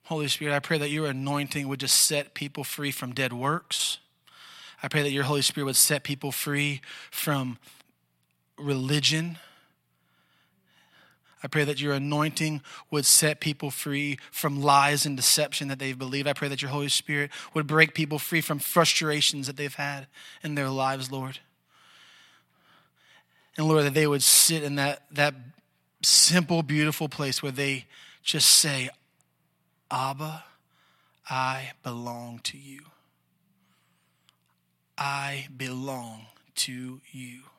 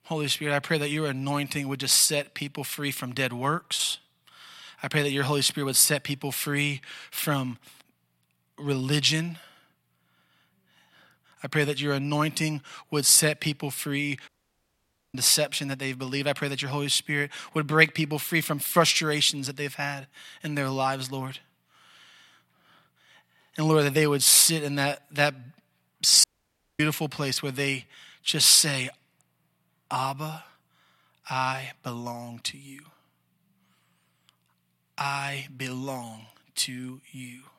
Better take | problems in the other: first | audio cutting out; at 14 s for 1 s and at 26 s for 0.5 s

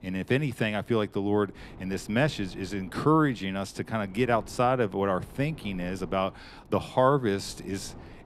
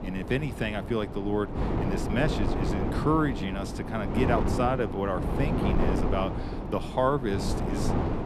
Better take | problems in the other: first | wind noise on the microphone; heavy; 4 dB below the speech; occasional gusts in the first

